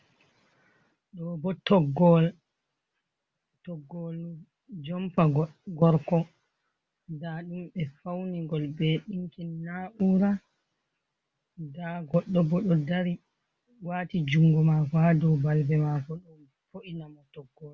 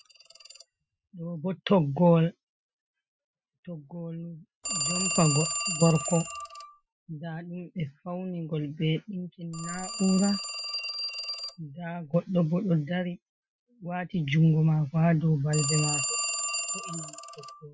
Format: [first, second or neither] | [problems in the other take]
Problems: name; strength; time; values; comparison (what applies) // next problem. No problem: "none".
first | noise reduction (classical method Wiener filter)